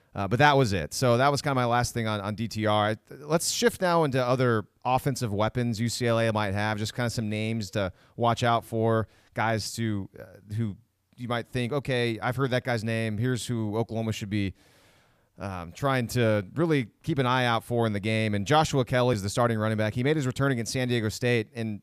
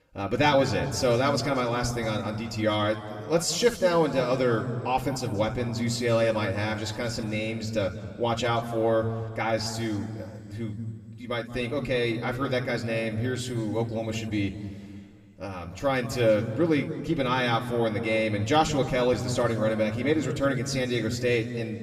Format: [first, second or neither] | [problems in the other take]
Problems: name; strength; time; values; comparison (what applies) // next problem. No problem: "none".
first | room echo; slight; dies away in 1.8 s // off-mic speech; somewhat distant